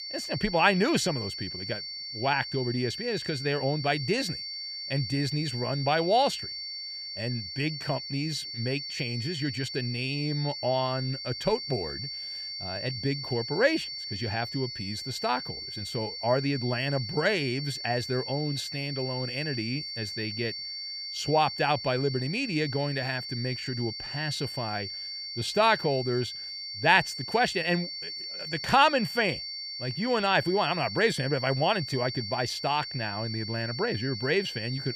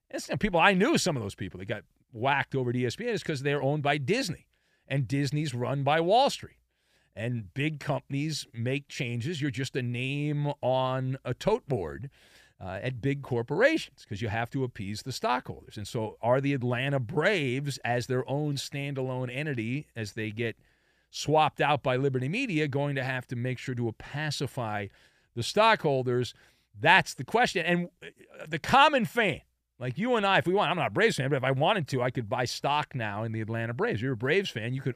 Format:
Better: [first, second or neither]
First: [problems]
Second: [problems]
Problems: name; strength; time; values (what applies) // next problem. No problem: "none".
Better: second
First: high-pitched whine; loud; throughout; 4.5 kHz, 6 dB below the speech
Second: none